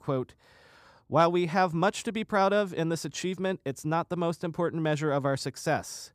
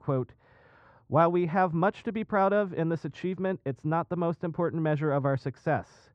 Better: first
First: none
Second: muffled; very; fading above 2 kHz

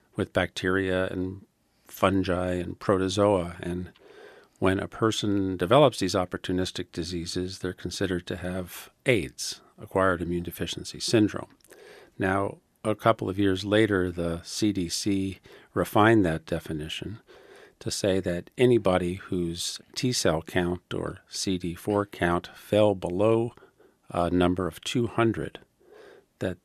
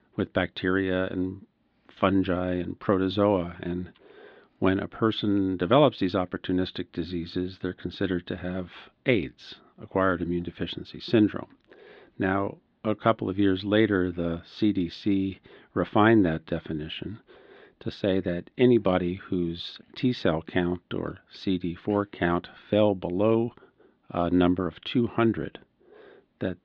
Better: first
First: none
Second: muffled; slightly; fading above 4 kHz

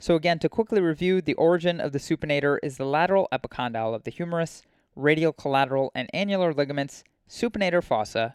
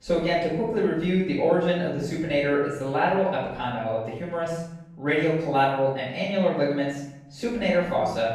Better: first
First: none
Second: off-mic speech; far // room echo; noticeable; dies away in 0.8 s

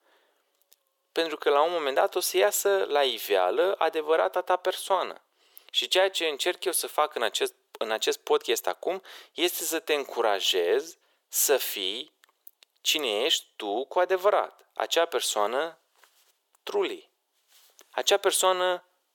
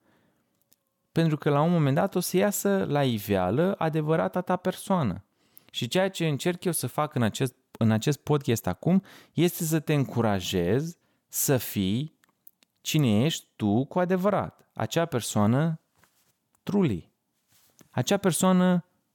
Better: second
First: thin; very; fading below 400 Hz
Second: none

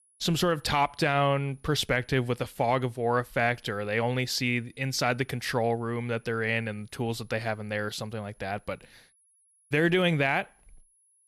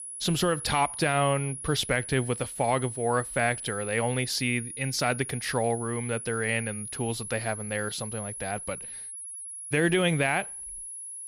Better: first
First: high-pitched whine; faint; throughout; 10.5 kHz, 35 dB below the speech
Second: high-pitched whine; loud; throughout; 10.5 kHz, 8 dB below the speech

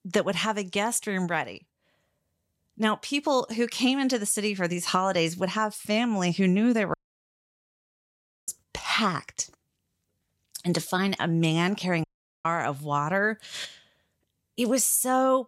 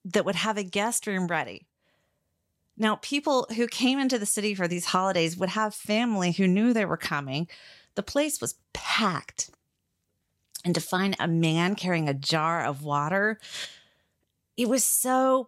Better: second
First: audio cutting out; at 7 s for 1.5 s and at 12 s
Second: none

